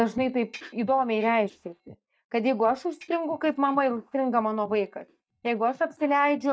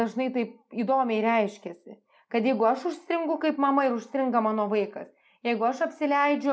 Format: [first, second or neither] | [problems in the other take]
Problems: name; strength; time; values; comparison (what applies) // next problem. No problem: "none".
second | noise reduction (neural mask model DeepFilterNet 3)